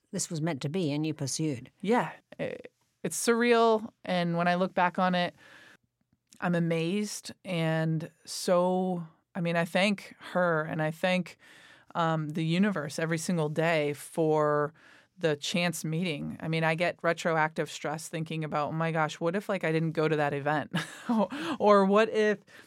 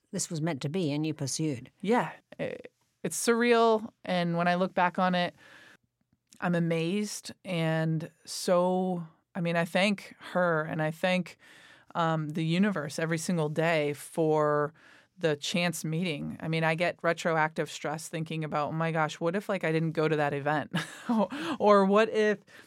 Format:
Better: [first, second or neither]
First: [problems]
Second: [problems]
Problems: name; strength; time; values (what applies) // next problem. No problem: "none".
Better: neither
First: none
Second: none